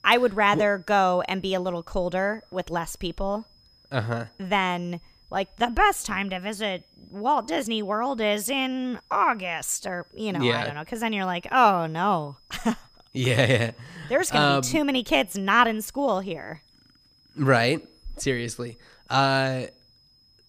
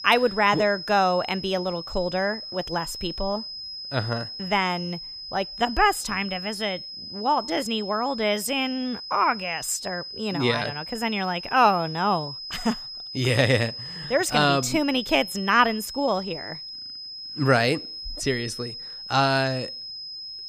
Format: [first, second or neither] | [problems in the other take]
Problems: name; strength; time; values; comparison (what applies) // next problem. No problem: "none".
first | high-pitched whine; loud; throughout; 5 kHz, 9 dB below the speech; faint in the first